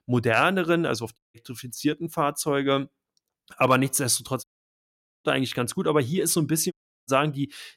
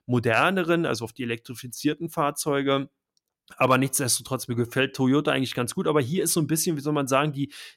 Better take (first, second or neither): second